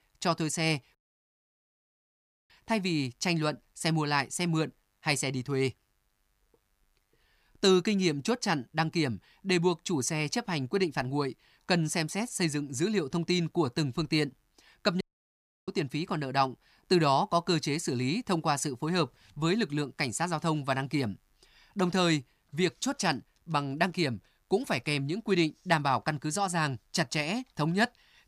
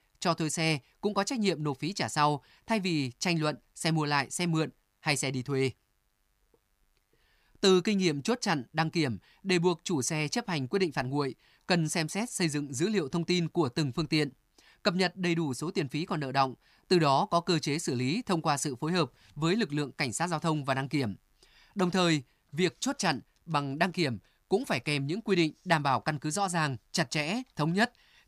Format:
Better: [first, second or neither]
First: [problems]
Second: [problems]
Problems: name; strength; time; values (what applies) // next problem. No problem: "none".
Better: second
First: audio cutting out; at 1 s for 1.5 s and at 15 s for 0.5 s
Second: none